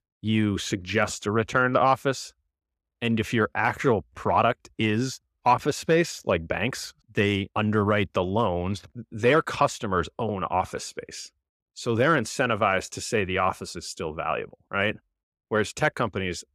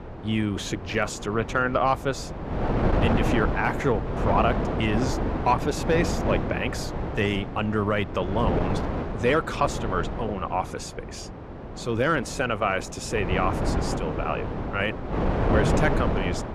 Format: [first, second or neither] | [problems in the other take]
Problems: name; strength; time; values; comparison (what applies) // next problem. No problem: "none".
first | wind noise on the microphone; heavy; 5 dB below the speech